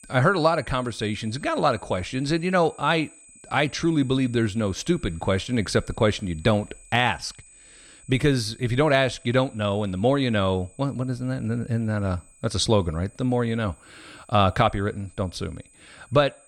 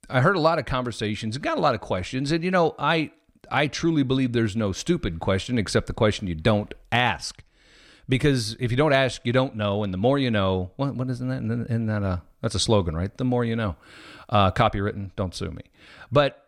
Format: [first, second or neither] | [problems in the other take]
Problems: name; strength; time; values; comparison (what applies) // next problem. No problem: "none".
second | high-pitched whine; faint; throughout; 8 kHz, 25 dB below the speech